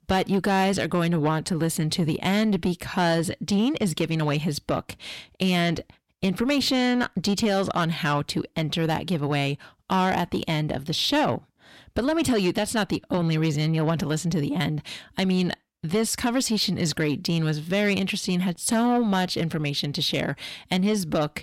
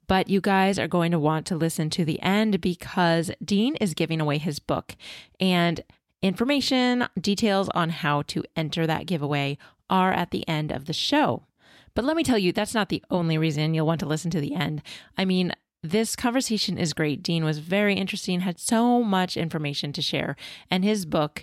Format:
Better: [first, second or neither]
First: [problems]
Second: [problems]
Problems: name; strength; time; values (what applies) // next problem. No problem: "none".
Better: second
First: distortion; slight; 10 dB below the speech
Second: none